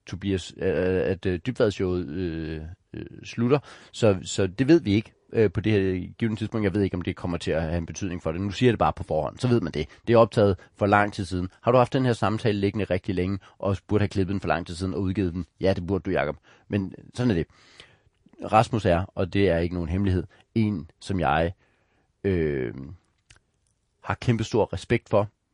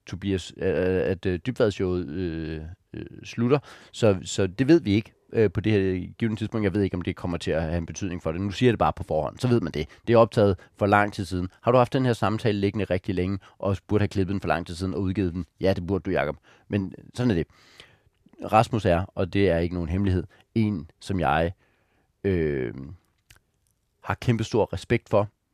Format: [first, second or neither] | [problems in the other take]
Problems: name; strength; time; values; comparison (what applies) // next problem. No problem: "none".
second | garbled, watery; slightly; nothing above 10.5 kHz